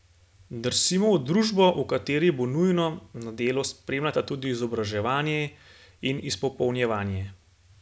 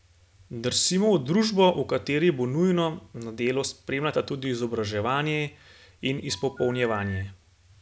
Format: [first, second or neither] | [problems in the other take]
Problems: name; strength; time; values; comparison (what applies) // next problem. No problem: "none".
first | background sound (Telephone); 19 dB below the speech